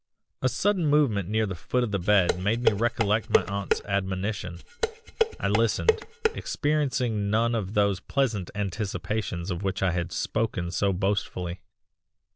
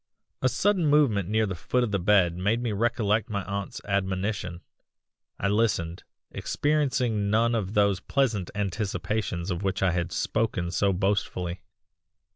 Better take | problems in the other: second | background sound (Dishes, pots, and pans); 2 dB below the speech

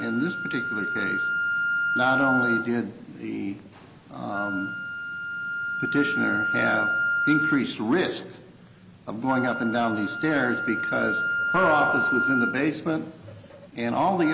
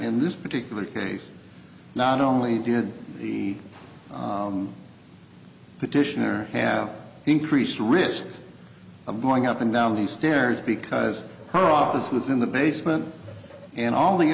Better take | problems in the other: second | background sound (Wind instrument, woodwind instrument); 1 dB below the speech

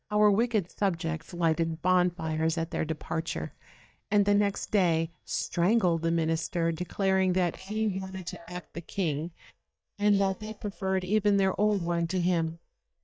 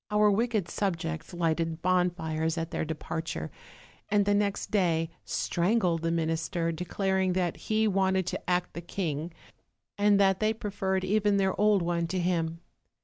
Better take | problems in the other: second | noise reduction (neural mask model DeepFilterNet 3)

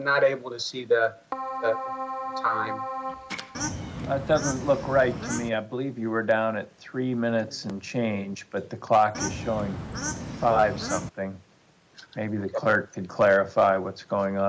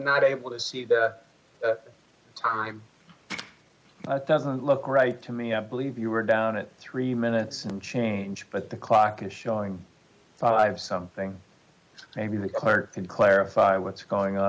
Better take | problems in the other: second | background sound (Bird / Fowl + Keyboard (musical)); 6 dB below the speech

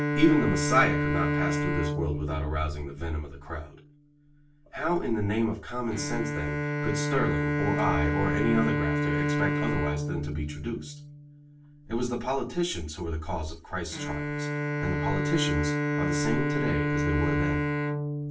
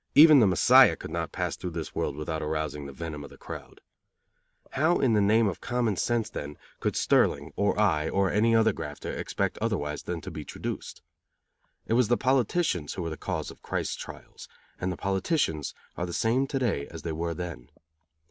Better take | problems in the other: second | background sound (Bowed string instrument); 1 dB above the speech // room echo; dies away in 0.3 s

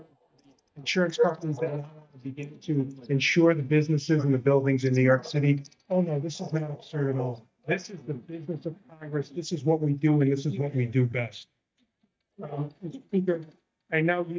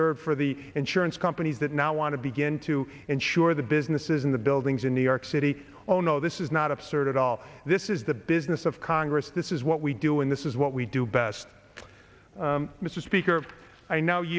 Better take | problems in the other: second | noise reduction (neural mask model DeepFilterNet 3)

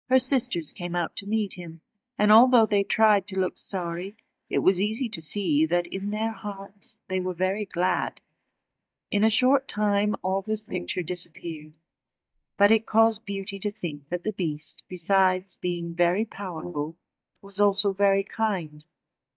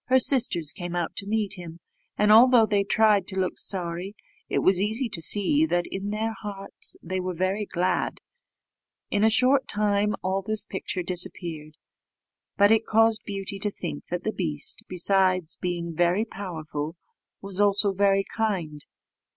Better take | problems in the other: second | noise reduction (neural mask model DeepFilterNet 3)

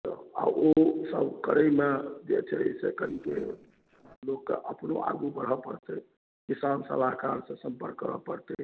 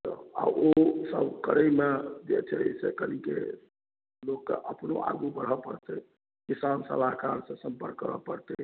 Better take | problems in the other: second | noise reduction (neural separator model SepFormer DNS4)

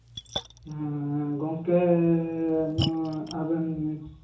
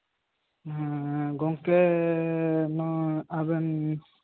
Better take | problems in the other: second | background sound (Splash, splatter); 11 dB below the speech // room echo; dies away in 0.8 s

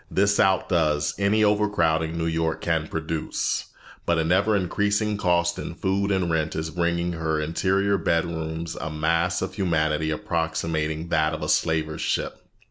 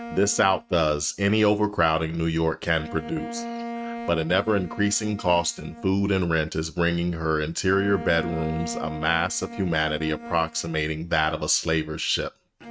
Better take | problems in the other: first | noise reduction (neural mask model RNNoise)

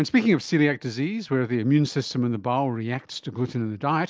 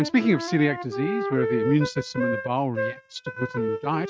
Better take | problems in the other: first | noise reduction (neural mask model RNNoise)

